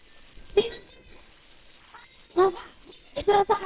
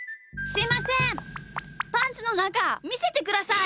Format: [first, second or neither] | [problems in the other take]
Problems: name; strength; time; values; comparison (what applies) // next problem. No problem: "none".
second | noise reduction (neural separator model SepFormer WHAMR!)